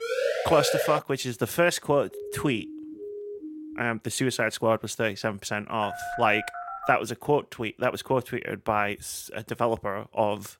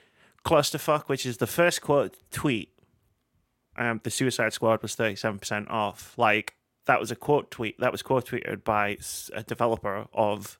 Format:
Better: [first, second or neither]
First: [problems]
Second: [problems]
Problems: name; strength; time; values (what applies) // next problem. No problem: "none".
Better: second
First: siren; loud; at the start; peak 1 dB above the speech // siren; faint; from 2 to 4 s; peak 10 dB below the speech // phone ringing; noticeable; from 6 to 7 s; peak 7 dB below the speech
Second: none